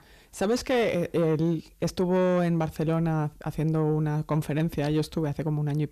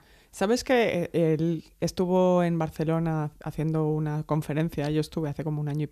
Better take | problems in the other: second | distortion; slight; 10 dB below the speech

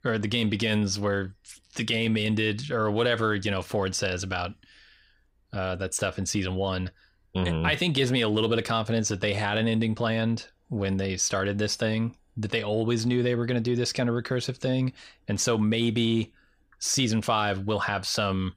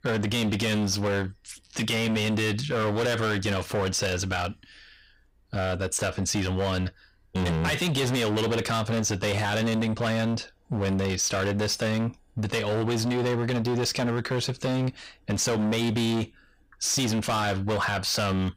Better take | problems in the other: first | distortion; heavy; 27% of the sound clipped

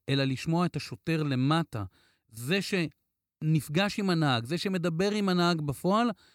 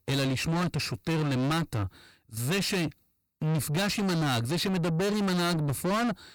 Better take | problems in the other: first | distortion; heavy; 6 dB below the speech

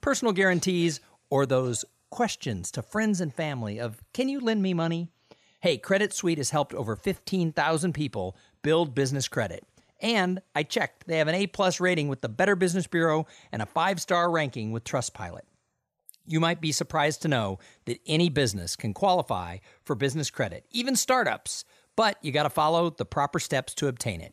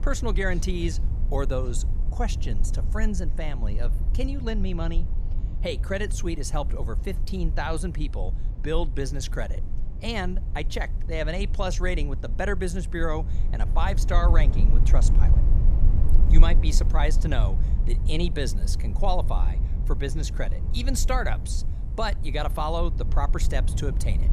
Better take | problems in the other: first | low rumble; noticeable; throughout; 15 dB below the speech

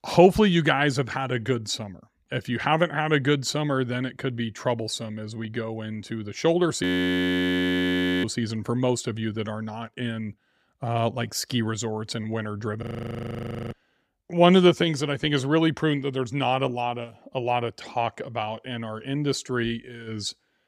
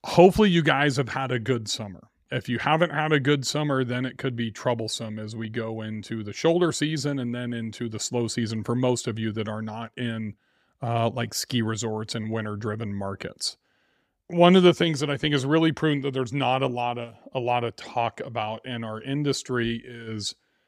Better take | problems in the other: second | audio freezing; at 7 s for 1.5 s and at 13 s for 1 s

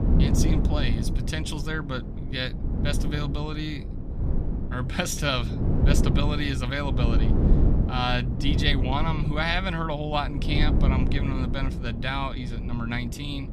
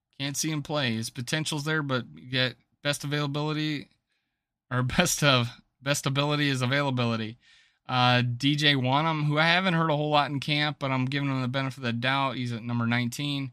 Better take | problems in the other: second | wind noise on the microphone; heavy; 7 dB below the speech

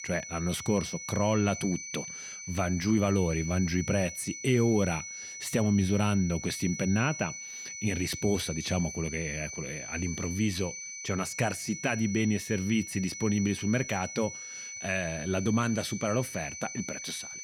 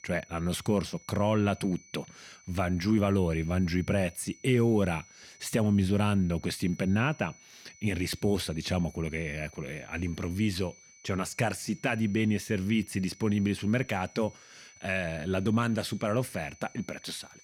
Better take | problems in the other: second | high-pitched whine; loud; throughout; 6 kHz, 8 dB below the speech; faint in the second

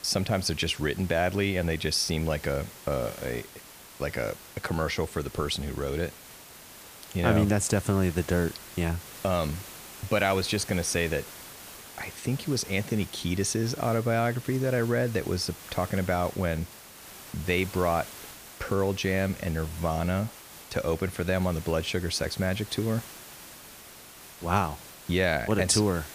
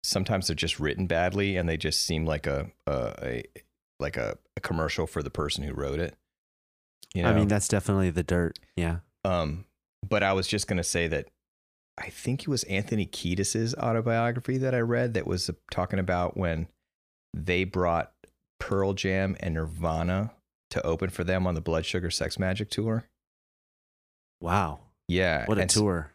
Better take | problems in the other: second | hiss; noticeable; throughout; 15 dB below the speech

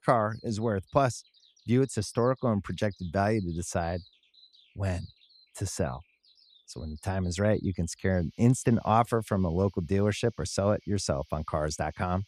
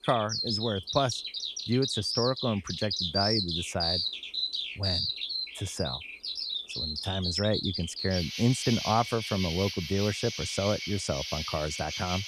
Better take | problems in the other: first | animal sounds; loud; throughout; 1 dB below the speech; faint in the first

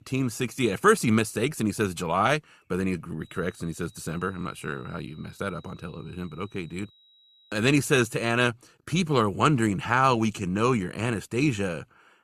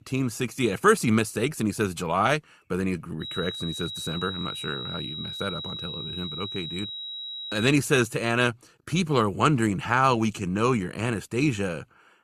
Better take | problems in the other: first | high-pitched whine; loud; from 3 to 7.5 s; 4 kHz, 8 dB below the speech; faint in the first

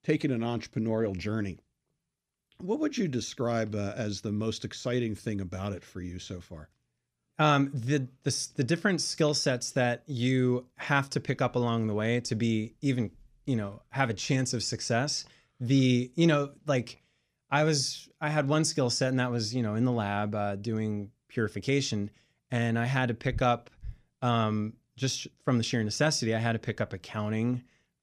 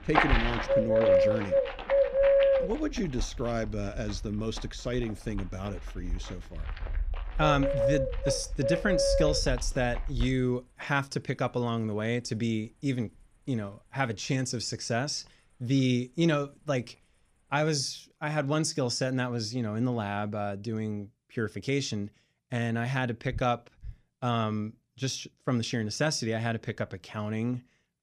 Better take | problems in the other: first | animal sounds; very loud; until 18 s; 3 dB above the speech

